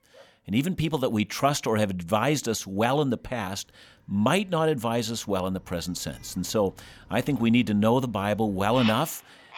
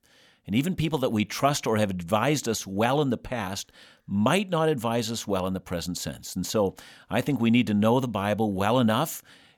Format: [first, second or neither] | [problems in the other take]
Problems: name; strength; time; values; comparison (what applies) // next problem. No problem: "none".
second | animal sounds; noticeable; throughout; 15 dB below the speech